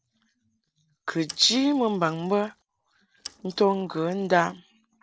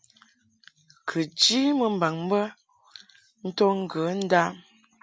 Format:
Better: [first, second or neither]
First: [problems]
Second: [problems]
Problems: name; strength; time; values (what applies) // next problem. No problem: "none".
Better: second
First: noise reduction (neural separator model SepFormer DNS4)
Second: none